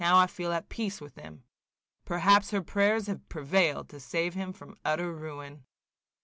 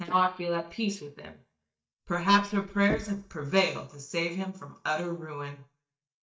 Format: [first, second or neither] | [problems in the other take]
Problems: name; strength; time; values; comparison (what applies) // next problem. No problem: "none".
first | noise reduction (neural mask model DeepFilterNet 3)